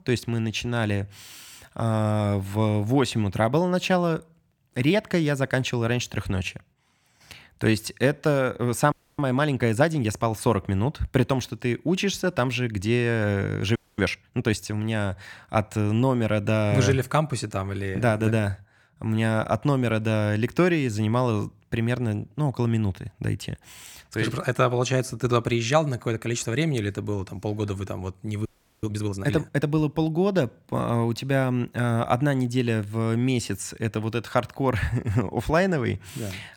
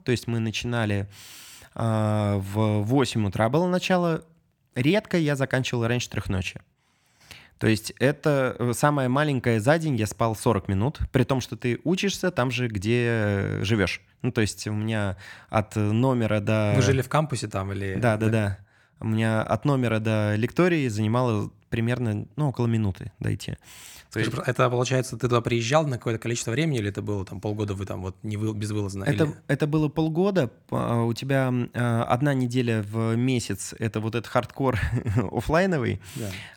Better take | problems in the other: second | audio freezing; at 9 s, at 14 s and at 28 s

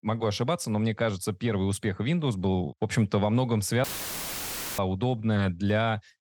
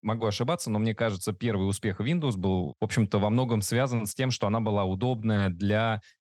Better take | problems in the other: second | audio cutting out; filled with static; at 4 s for 1 s

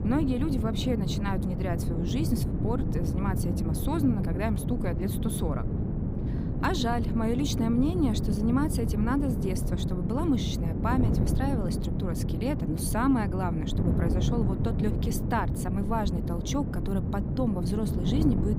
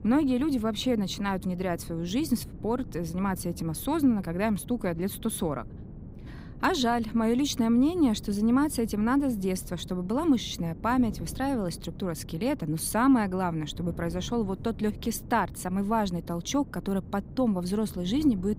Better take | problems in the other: second | wind noise on the microphone; heavy; 5 dB below the speech; occasional gusts in the second

